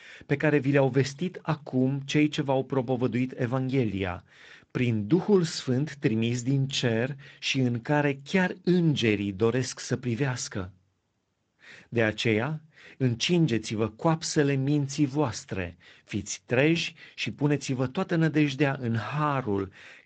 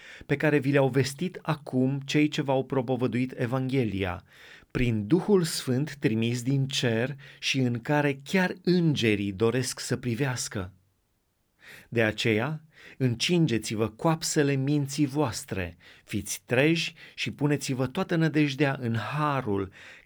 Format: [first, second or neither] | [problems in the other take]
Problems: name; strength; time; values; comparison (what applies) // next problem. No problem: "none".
second | garbled, watery; slightly; nothing above 8 kHz